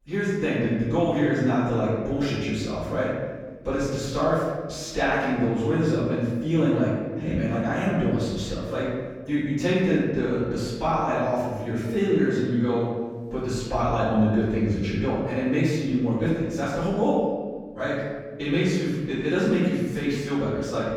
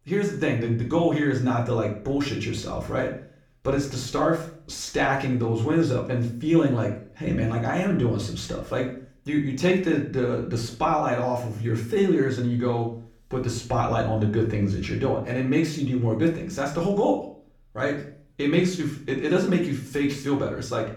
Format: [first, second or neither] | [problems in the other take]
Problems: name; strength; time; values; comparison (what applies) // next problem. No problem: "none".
second | room echo; strong; dies away in 1.3 s; slight in the second // off-mic speech; far; far in the second